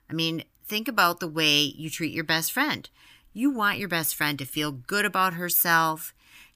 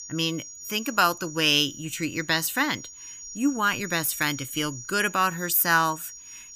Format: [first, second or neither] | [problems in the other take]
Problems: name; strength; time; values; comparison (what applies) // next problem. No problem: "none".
first | high-pitched whine; noticeable; throughout; 7 kHz, 15 dB below the speech